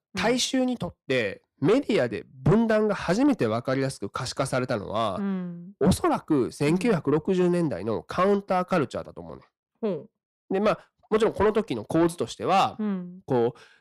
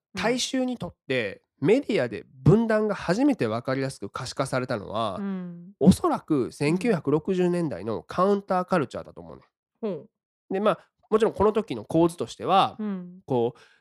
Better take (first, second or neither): second